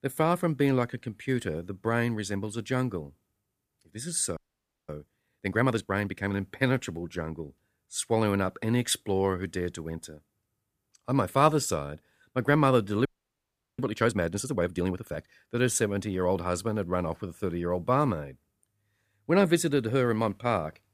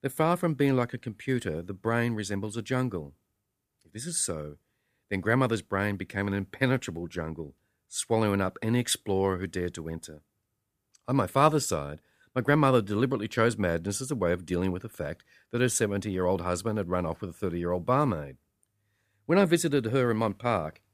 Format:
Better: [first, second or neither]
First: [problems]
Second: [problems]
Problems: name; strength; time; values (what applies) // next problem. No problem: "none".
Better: second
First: audio freezing; at 4.5 s for 0.5 s and at 13 s for 0.5 s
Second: none